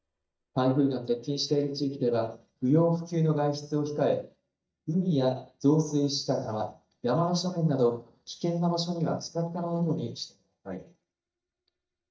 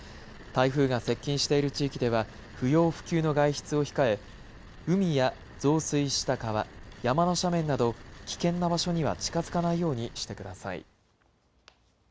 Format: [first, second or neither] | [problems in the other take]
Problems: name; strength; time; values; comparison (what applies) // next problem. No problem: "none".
second | noise reduction (neural mask model DeepFilterNet 3)